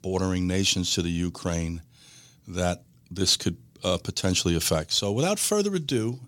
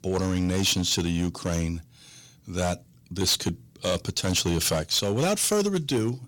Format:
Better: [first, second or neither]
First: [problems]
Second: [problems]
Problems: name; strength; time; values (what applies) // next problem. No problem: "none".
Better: first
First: none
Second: distortion; slight; 8% of the sound clipped